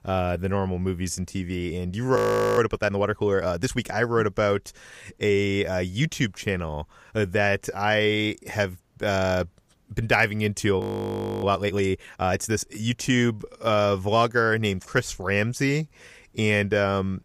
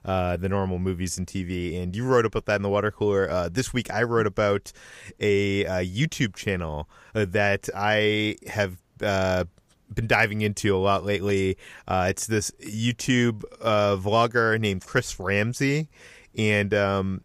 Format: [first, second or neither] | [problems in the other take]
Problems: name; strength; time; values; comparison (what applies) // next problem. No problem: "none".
second | audio freezing; at 2 s and at 11 s for 0.5 s